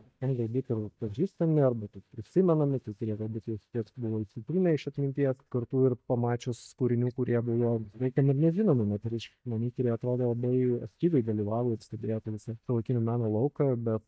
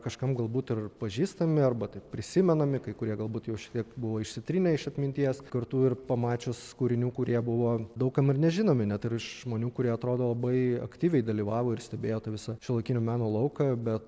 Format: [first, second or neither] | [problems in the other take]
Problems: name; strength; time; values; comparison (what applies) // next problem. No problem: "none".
second | noise reduction (neural mask model DeepFilterNet 3)